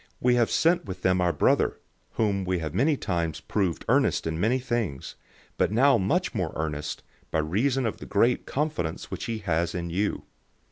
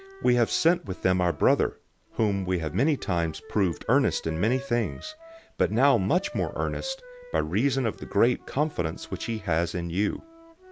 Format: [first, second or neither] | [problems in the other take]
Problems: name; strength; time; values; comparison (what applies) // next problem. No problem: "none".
first | background sound (Wind instrument, woodwind instrument); 20 dB below the speech